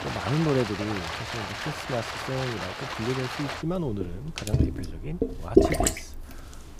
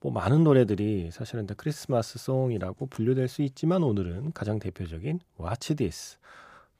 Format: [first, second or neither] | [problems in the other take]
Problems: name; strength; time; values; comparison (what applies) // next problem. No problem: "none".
second | rain or running water; very loud; throughout; 3 dB above the speech